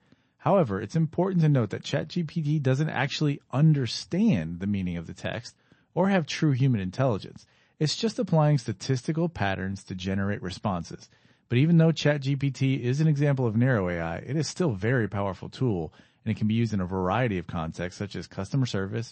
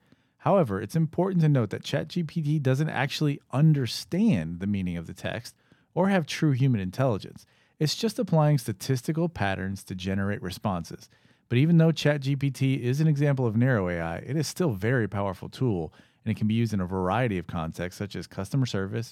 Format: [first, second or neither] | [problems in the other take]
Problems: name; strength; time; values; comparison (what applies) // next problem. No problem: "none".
second | garbled, watery; slightly; nothing above 8 kHz